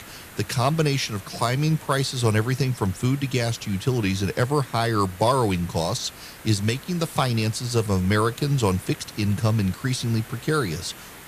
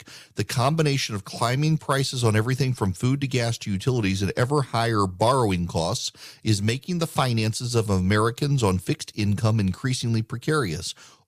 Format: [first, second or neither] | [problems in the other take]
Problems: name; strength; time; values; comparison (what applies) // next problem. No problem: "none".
second | hiss; noticeable; throughout; 20 dB below the speech